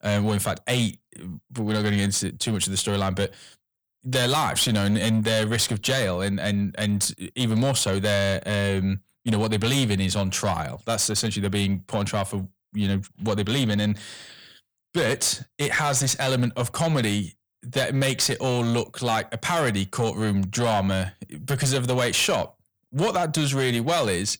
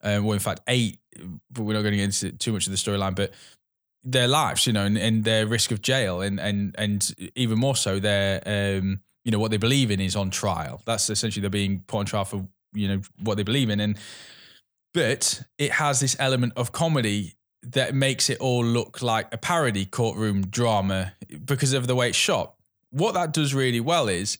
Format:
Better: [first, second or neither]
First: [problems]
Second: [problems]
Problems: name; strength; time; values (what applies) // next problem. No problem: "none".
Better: second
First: distortion; slight; 8% of the sound clipped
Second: none